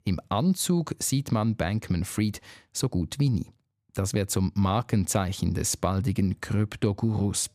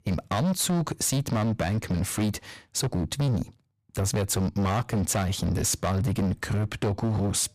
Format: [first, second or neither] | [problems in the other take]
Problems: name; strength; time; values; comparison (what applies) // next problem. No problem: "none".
first | distortion; heavy; 23% of the sound clipped